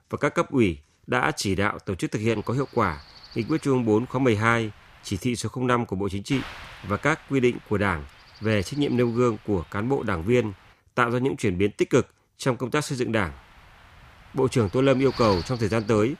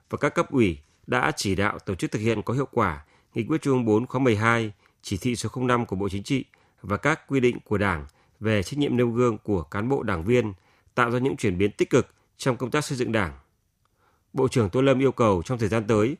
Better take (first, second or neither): second